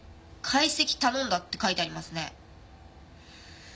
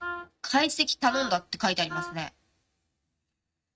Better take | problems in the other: first | noise reduction (neural mask model RNNoise)

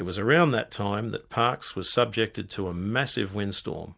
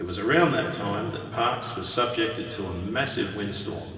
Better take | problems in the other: first | room echo; dies away in 2.4 s

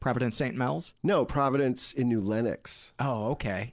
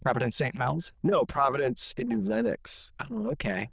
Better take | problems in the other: first | noise reduction (neural diffusion model UNIVERSE++)

